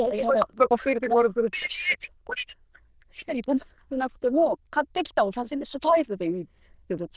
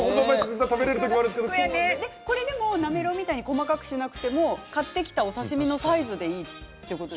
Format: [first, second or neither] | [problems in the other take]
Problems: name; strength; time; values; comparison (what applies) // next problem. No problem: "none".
second | noise reduction (neural diffusion model UNIVERSE++)